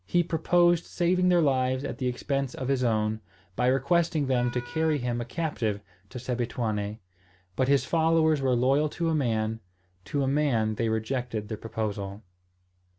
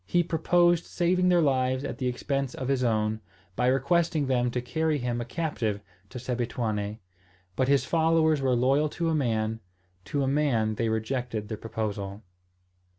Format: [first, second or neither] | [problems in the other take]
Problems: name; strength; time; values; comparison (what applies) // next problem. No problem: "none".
second | background sound (Wind instrument, woodwind instrument); 19 dB below the speech